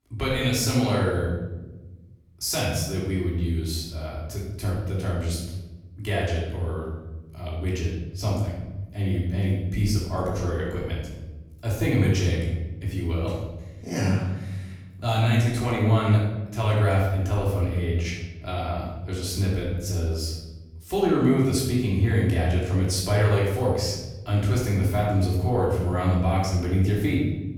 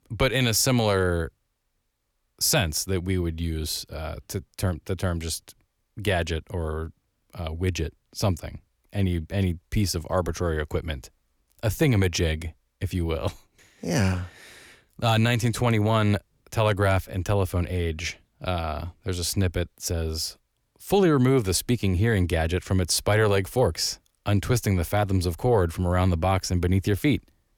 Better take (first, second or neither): second